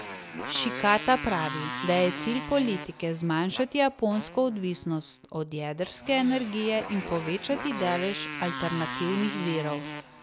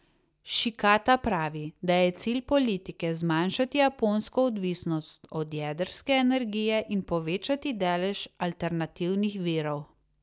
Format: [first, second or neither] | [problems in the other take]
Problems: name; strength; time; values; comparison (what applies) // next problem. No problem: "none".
second | background sound (Motorcycle); 9 dB below the speech